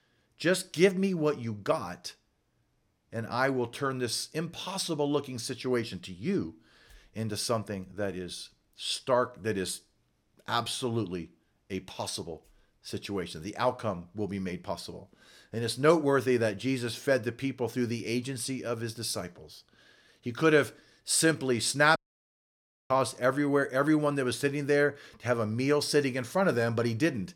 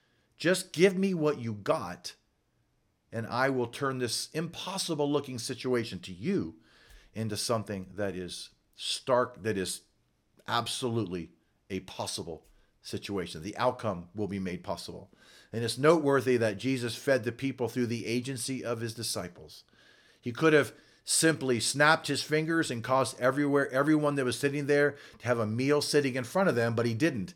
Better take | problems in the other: second | audio cutting out; at 22 s for 1 s

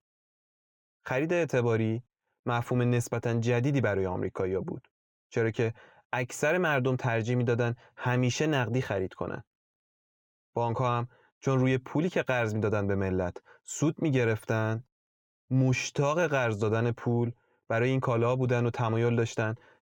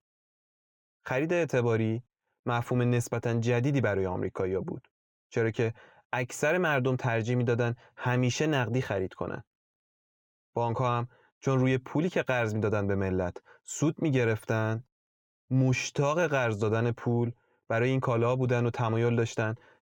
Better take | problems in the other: neither | none

